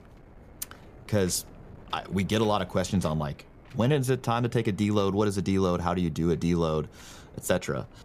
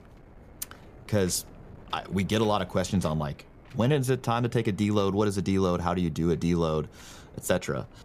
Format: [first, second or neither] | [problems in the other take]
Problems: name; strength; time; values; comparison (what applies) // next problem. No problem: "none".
neither | wind noise on the microphone; occasional gusts; 25 dB below the speech; the same in both